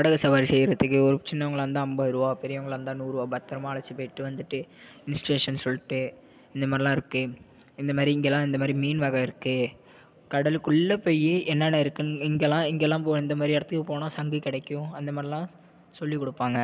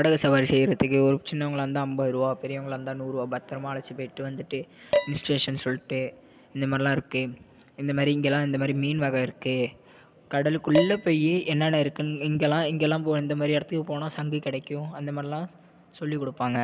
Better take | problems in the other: first | background sound (Dishes, pots, and pans); 7 dB below the speech

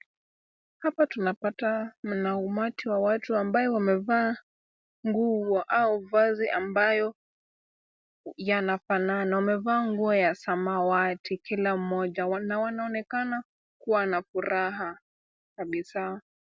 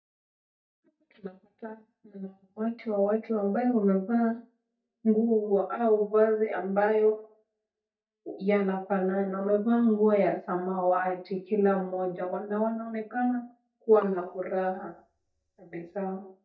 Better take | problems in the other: first | noise reduction (neural mask model DeepFilterNet 3)

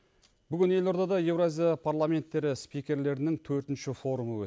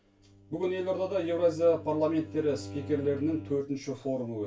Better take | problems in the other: first | background sound (Bowed string instrument); 15 dB below the speech // room echo; dies away in 0.2 s

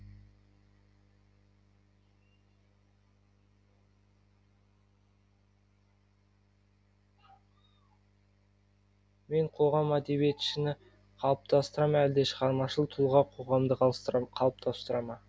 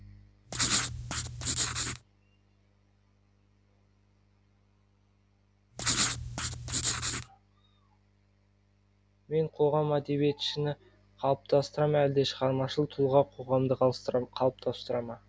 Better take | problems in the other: first | background sound (Writing); as loud as the speech

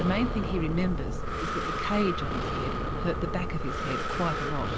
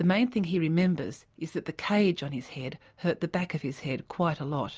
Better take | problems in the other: second | background sound (Breathing); 1 dB above the speech

